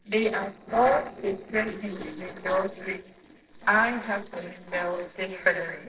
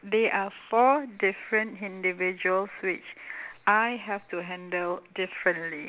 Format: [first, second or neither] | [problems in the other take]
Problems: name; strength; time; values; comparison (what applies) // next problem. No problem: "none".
second | noise reduction (neural separator model SepFormer DNS4)